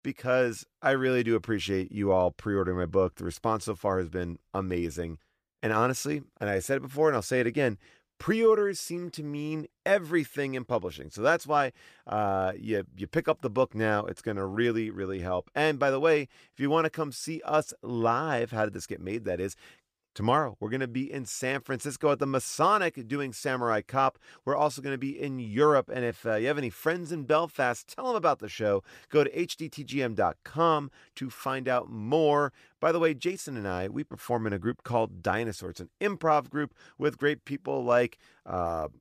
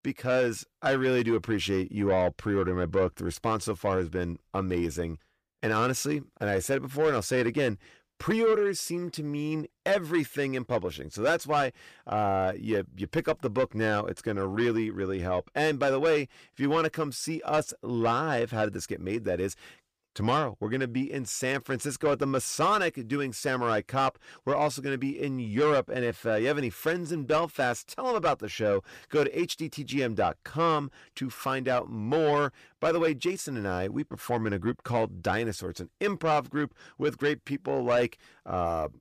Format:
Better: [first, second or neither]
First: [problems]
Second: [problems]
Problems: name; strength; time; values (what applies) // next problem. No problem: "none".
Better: first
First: none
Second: distortion; slight; 10 dB below the speech